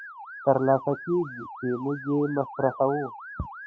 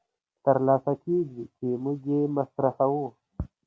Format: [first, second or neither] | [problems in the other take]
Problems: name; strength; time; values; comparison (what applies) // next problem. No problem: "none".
second | noise reduction (classical method Wiener filter)